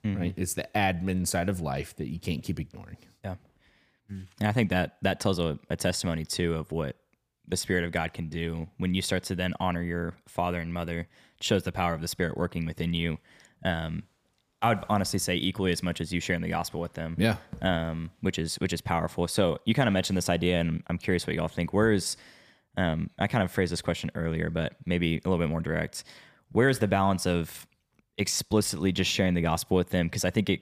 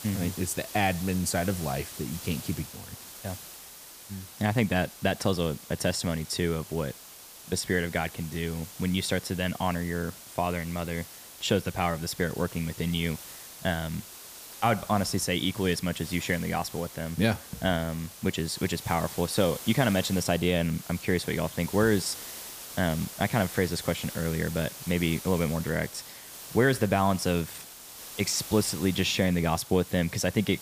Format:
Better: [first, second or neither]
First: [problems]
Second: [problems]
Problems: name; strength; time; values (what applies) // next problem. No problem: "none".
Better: first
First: none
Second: hiss; noticeable; throughout; 15 dB below the speech